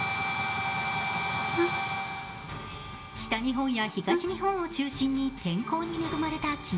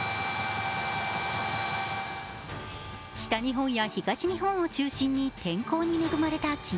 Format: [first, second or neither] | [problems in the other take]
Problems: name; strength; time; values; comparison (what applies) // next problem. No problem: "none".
second | background sound (Wind instrument, woodwind instrument); 2 dB below the speech // room echo; dies away in 0.5 s